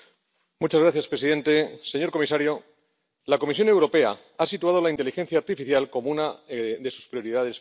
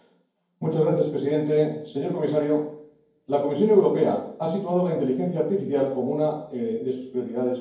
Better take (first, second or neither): first